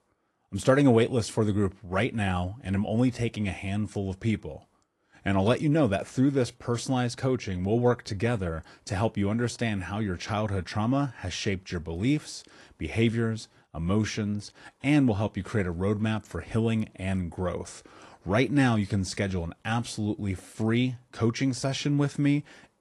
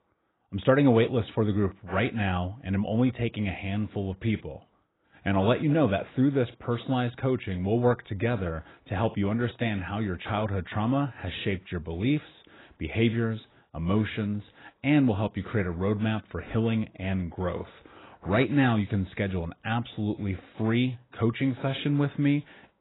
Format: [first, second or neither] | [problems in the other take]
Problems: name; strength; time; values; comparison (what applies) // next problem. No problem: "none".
first | garbled, watery; badly; nothing above 4 kHz; slightly in the first